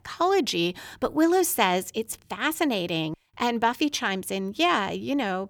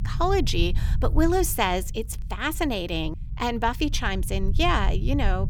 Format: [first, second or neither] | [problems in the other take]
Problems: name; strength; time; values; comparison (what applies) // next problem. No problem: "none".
first | low rumble; faint; throughout; 20 dB below the speech